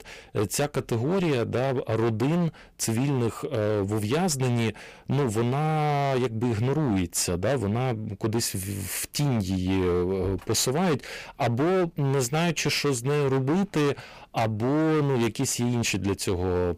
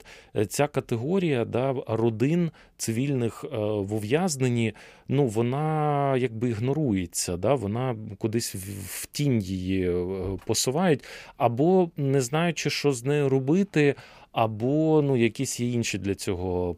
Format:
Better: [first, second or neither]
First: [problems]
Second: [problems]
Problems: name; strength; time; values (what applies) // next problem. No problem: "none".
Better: second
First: distortion; heavy; 21% of the sound clipped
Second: none